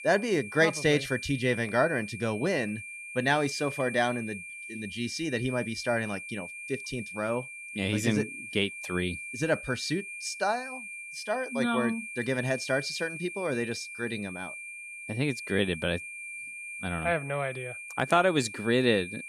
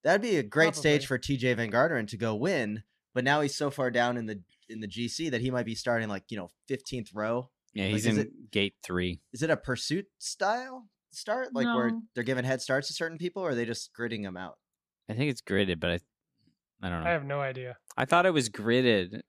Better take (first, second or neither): second